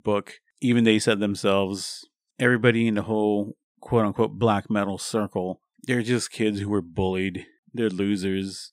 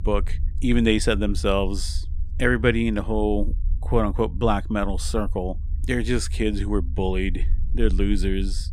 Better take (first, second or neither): first